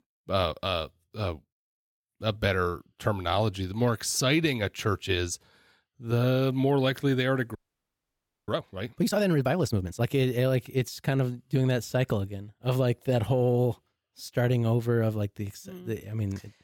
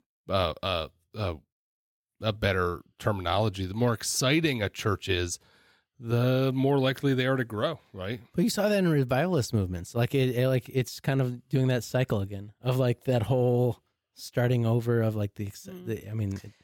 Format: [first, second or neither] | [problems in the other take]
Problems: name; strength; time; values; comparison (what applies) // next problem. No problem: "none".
second | audio freezing; at 7.5 s for 1 s